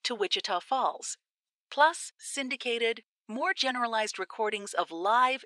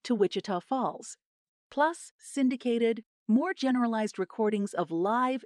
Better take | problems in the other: second | thin; very; fading below 700 Hz

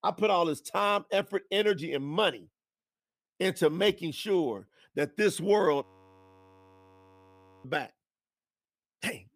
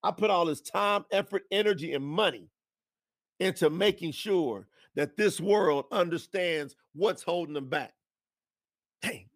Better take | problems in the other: second | audio freezing; at 6 s for 2 s

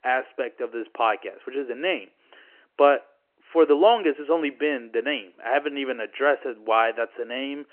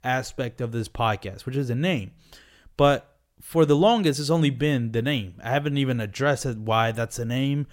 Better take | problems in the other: second | phone-call audio; nothing above 3 kHz

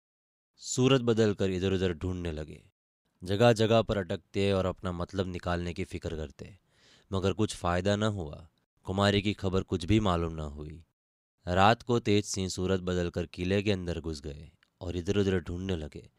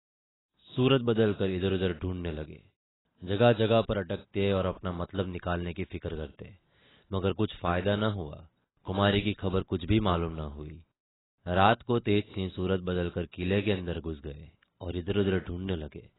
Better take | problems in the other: first | garbled, watery; badly; nothing above 4 kHz

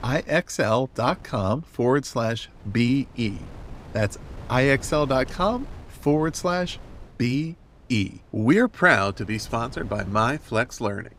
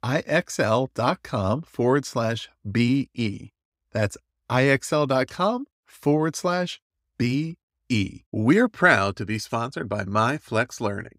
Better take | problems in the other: second | wind noise on the microphone; occasional gusts; 25 dB below the speech

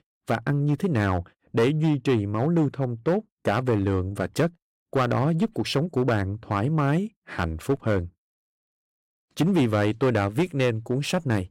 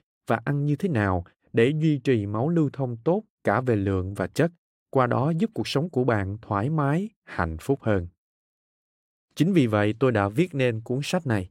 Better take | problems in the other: second | distortion; slight; 5% of the sound clipped

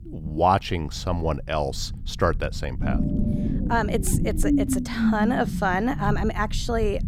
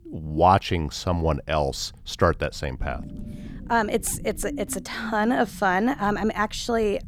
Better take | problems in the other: second | low rumble; loud; throughout; 7 dB below the speech; faint in the second

